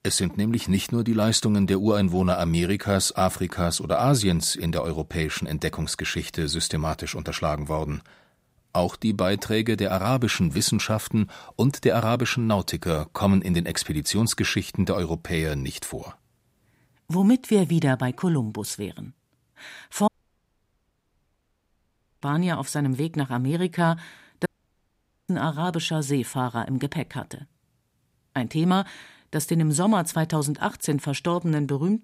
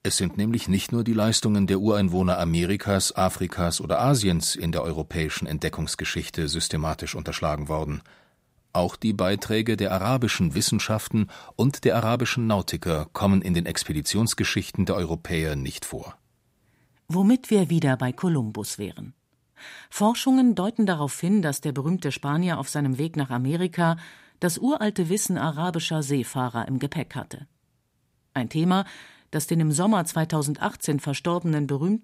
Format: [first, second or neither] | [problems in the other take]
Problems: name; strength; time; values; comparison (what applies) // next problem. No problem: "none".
second | audio cutting out; at 20 s for 2 s and at 24 s for 1 s